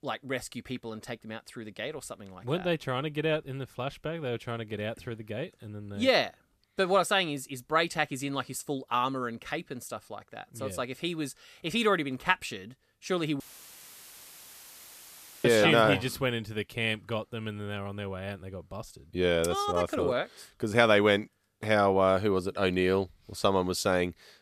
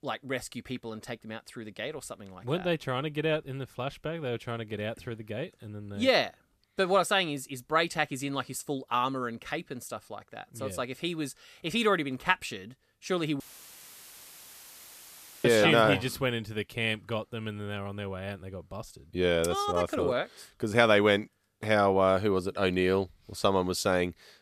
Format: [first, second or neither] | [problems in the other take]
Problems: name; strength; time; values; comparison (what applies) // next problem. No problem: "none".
neither | audio cutting out; filled with static; at 13 s for 2 s; the same in both